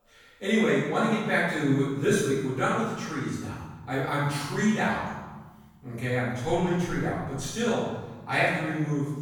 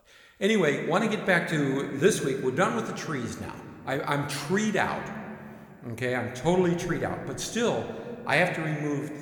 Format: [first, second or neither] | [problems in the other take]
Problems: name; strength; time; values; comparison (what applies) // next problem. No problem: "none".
second | room echo; strong; dies away in 1.2 s; slight in the second // off-mic speech; far